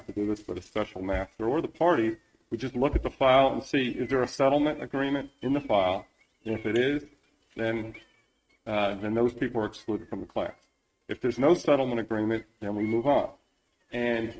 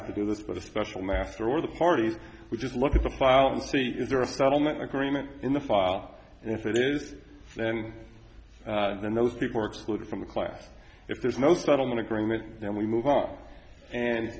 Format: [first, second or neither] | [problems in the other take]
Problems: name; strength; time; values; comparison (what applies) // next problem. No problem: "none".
second | noise reduction (neural mask model RNNoise)